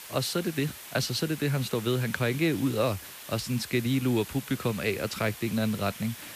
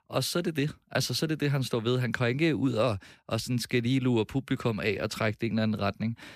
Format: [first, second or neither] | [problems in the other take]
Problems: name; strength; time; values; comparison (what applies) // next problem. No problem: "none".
second | hiss; noticeable; throughout; 10 dB below the speech